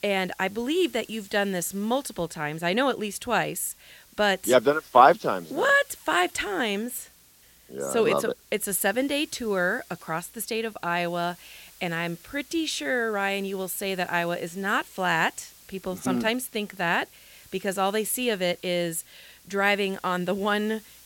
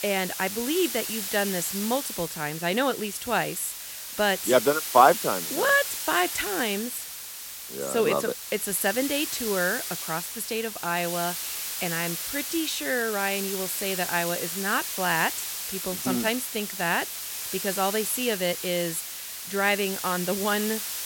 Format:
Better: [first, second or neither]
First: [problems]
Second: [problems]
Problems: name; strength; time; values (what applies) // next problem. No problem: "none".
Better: first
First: hiss; faint; throughout; 25 dB below the speech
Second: hiss; loud; throughout; 4 dB below the speech